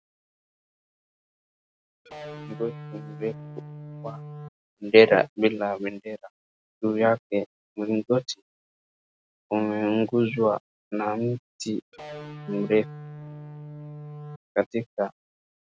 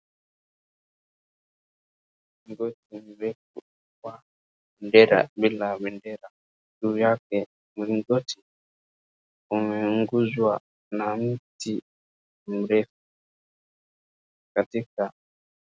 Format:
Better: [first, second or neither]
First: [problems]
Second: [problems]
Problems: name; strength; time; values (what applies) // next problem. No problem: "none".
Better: second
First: background sound (Electric guitar); 12 dB below the speech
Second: none